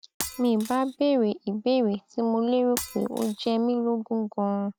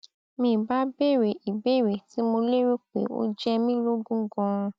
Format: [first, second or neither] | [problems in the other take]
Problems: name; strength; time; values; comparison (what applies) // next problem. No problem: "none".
second | background sound (Shatter); 15 dB below the speech